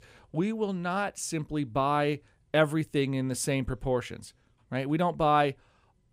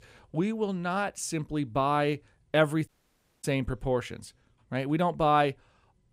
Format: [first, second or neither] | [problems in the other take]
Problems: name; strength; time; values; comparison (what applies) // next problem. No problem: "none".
first | audio cutting out; at 3 s for 0.5 s